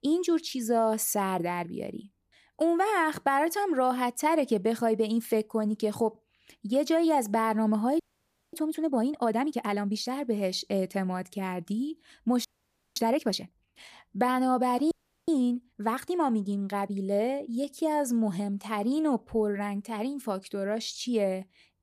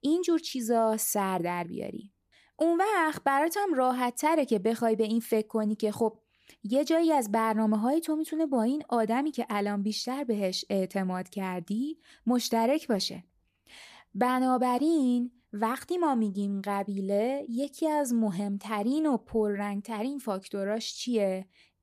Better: second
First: audio freezing; at 8 s for 0.5 s, at 12 s for 0.5 s and at 15 s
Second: none

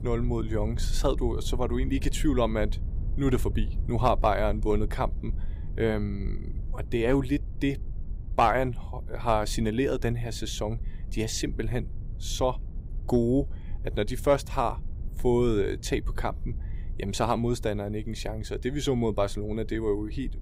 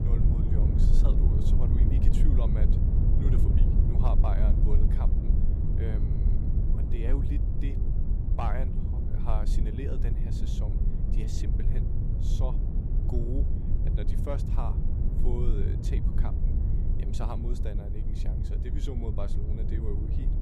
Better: first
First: low rumble; faint; throughout; 25 dB below the speech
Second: low rumble; loud; throughout; 1 dB below the speech

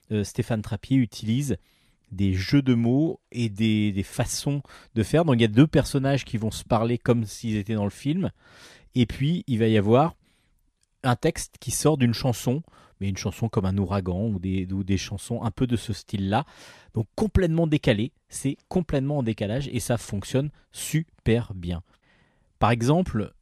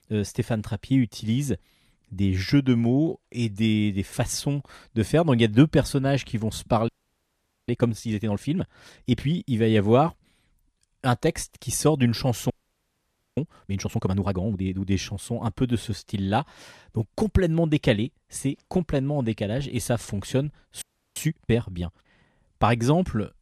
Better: first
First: none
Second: audio freezing; at 7 s for 1 s, at 13 s for 1 s and at 21 s

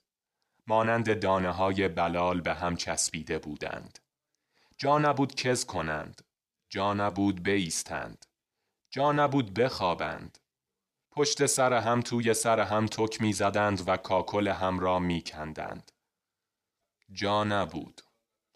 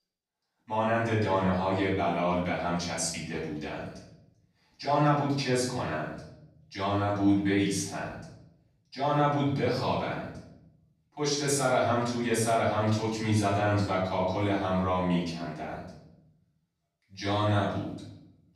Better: first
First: none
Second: room echo; noticeable; dies away in 0.8 s // off-mic speech; far

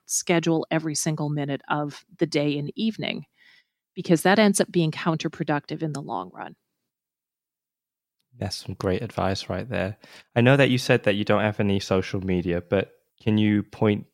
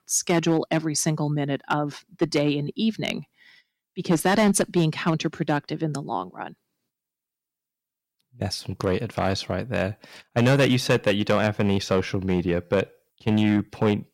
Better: first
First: none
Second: distortion; slight; 3% of the sound clipped

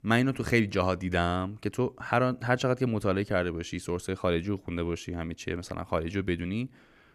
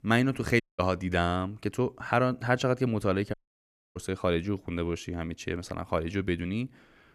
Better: first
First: none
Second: audio cutting out; at 0.5 s and at 3.5 s for 0.5 s

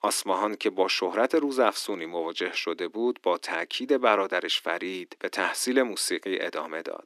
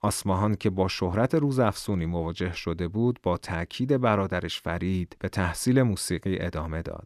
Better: second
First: thin; somewhat; fading below 300 Hz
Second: none

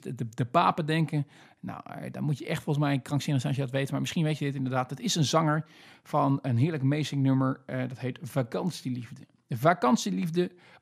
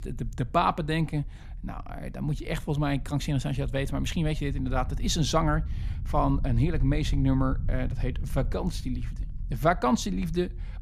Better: first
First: none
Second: low rumble; faint; throughout; 25 dB below the speech

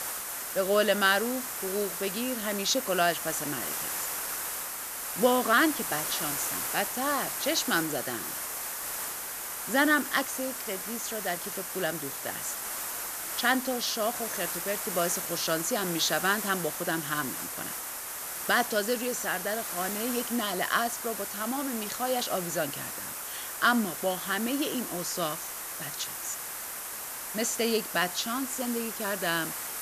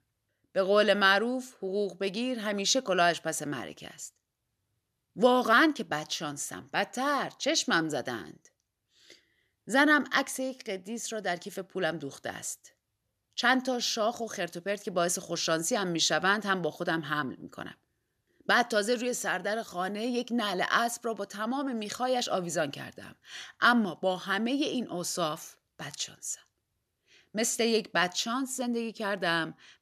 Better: second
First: hiss; loud; throughout; 4 dB below the speech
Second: none

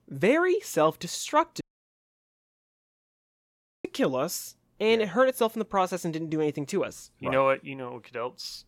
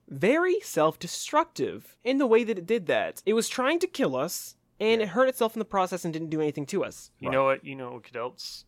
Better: second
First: audio cutting out; at 1.5 s for 2 s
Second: none

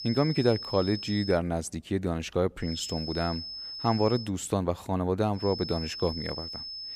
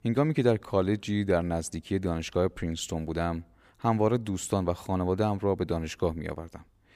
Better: second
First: high-pitched whine; loud; until 1.5 s, from 2.5 to 4 s and from 5.5 s on; 5 kHz, 7 dB below the speech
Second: none

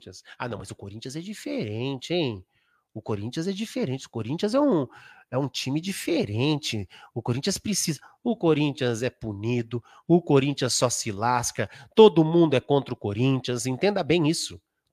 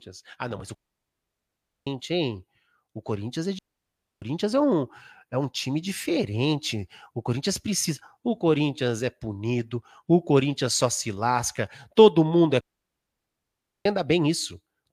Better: first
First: none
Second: audio cutting out; at 1 s for 1 s, at 3.5 s for 0.5 s and at 13 s for 1 s

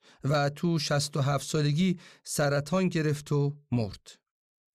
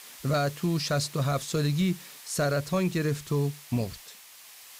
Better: first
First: none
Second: hiss; noticeable; throughout; 15 dB below the speech

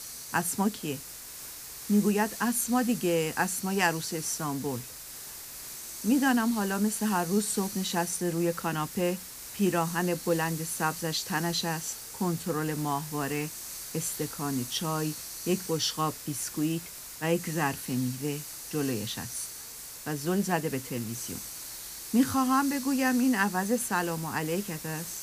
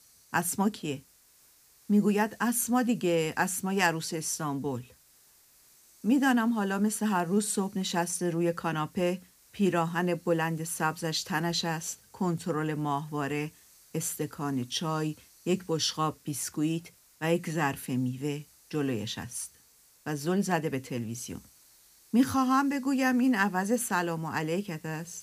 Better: second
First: hiss; loud; throughout; 9 dB below the speech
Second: hiss; faint; throughout; 25 dB below the speech

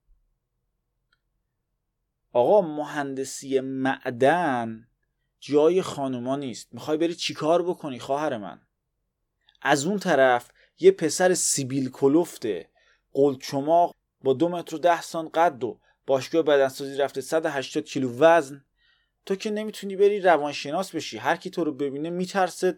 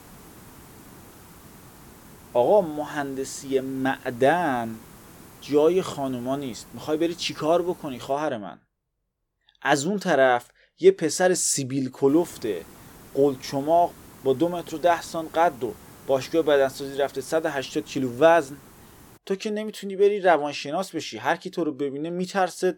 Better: first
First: none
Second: hiss; faint; until 8 s and from 12 to 19 s; 25 dB below the speech

